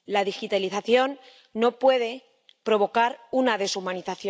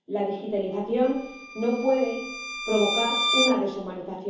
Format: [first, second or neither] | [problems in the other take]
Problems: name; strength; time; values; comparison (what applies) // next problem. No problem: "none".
first | background sound (Bowed string instrument); 4 dB below the speech // room echo; dies away in 0.9 s